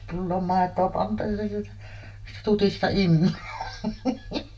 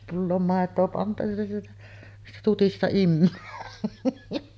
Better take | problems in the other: second | room echo; dies away in 0.1 s

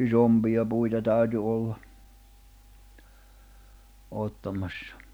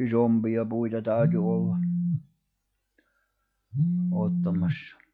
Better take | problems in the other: first | noise reduction (classical method log-MMSE)

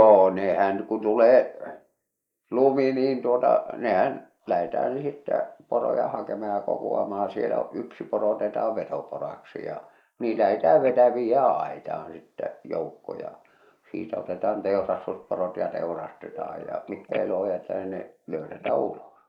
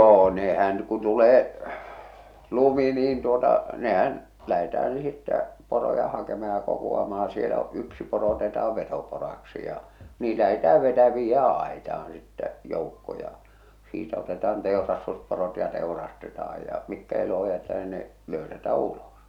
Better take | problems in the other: second | noise reduction (neural mask model Resemble Enhance denoiser)

